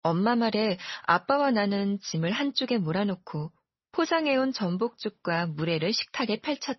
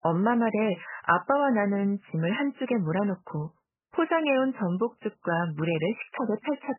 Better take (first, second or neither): first